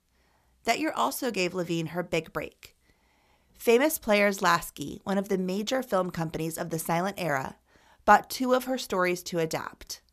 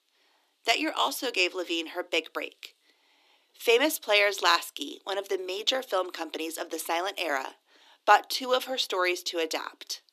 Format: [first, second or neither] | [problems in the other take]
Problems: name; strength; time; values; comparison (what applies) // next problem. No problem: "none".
first | thin; somewhat; fading below 300 Hz